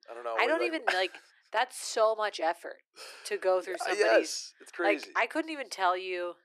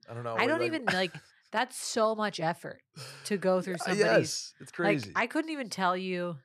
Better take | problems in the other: second | thin; very; fading below 350 Hz

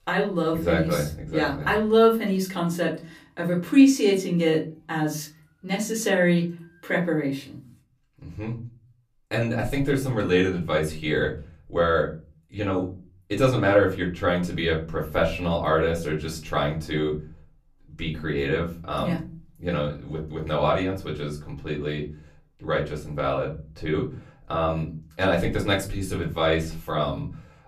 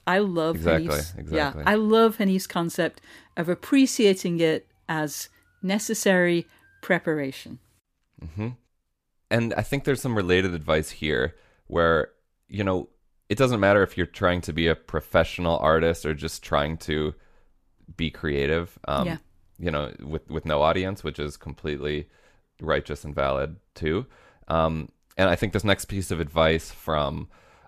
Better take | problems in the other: second | off-mic speech; far // room echo; very slight; dies away in 0.4 s

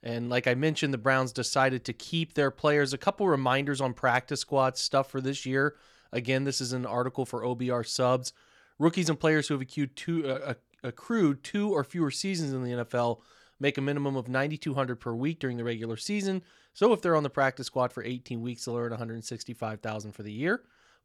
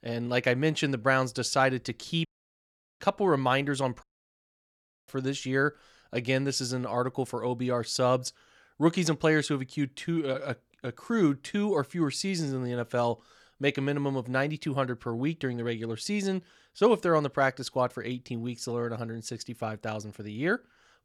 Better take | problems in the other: first | audio cutting out; at 2.5 s for 1 s and at 4 s for 1 s

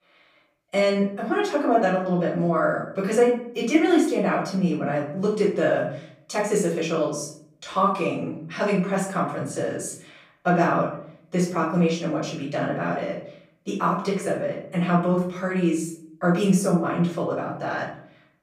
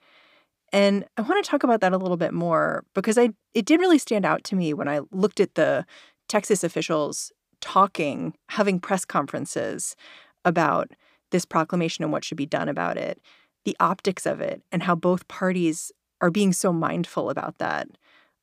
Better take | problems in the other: second | off-mic speech; far // room echo; noticeable; dies away in 0.6 s

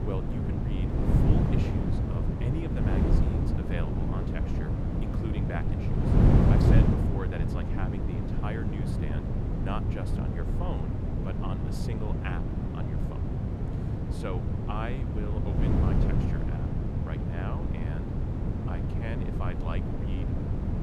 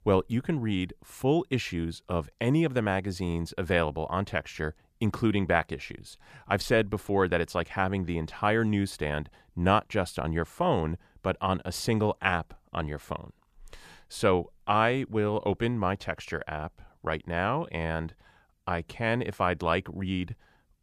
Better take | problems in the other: second | wind noise on the microphone; heavy; 4 dB above the speech

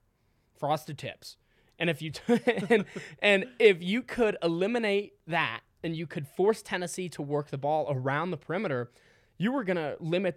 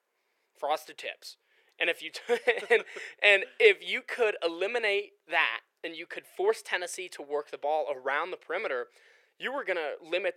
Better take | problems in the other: first | thin; very; fading below 400 Hz

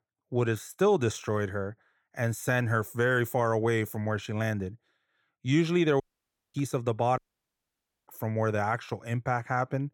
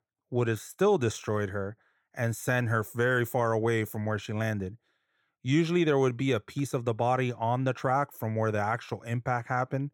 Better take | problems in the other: second | audio cutting out; at 6 s for 0.5 s and at 7 s for 1 s

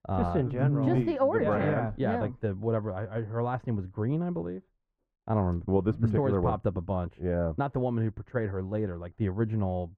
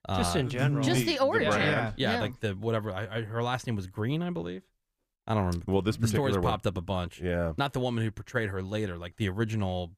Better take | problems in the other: second | muffled; very; fading above 2.5 kHz

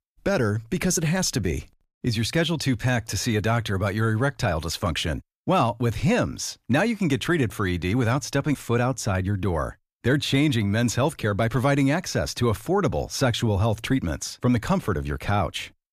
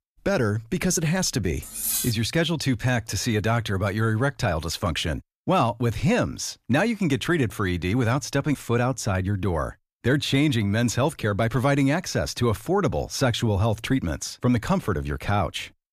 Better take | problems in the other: first | clattering dishes; loud; at 1.5 s; peak level with the speech

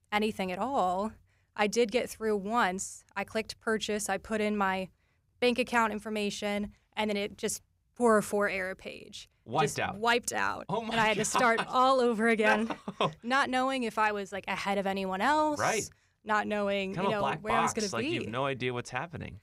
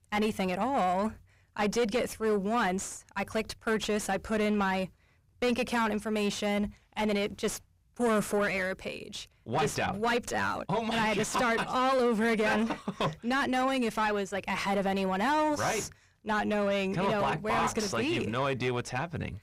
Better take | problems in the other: first | distortion; heavy; 6 dB below the speech

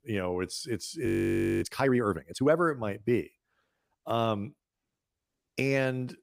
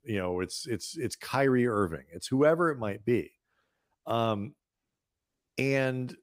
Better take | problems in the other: second | audio freezing; at 1 s for 0.5 s

